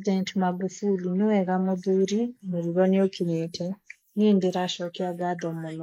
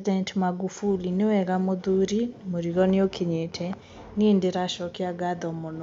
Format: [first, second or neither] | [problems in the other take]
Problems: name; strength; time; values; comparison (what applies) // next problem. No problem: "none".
second | noise reduction (neural mask model Resemble Enhance denoiser)